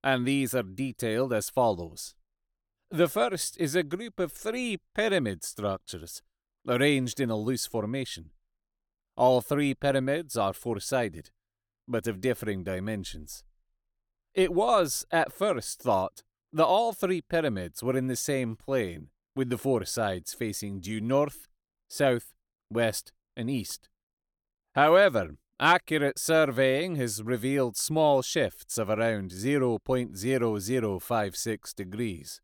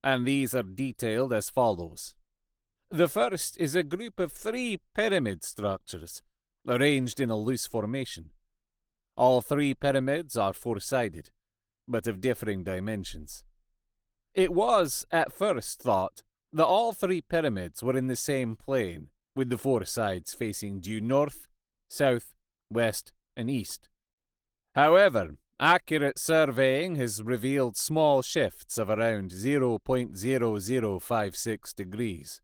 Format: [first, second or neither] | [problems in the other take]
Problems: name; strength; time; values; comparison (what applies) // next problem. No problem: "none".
first | garbled, watery; slightly; nothing above 18.5 kHz